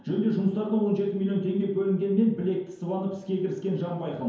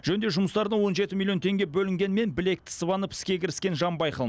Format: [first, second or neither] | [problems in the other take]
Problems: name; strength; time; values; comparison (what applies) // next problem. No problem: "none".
second | room echo; dies away in 0.9 s